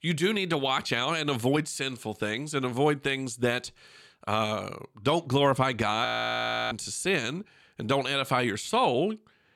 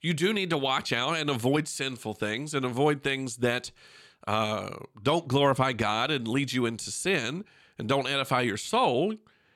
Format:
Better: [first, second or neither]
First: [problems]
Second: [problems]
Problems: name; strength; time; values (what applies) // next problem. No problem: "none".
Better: second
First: audio freezing; at 6 s for 0.5 s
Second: none